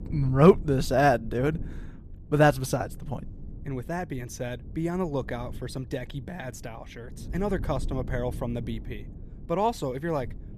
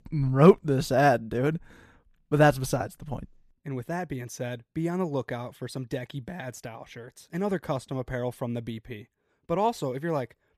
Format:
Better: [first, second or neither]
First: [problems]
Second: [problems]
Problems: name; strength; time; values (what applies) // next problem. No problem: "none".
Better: second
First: low rumble; faint; throughout; 25 dB below the speech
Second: none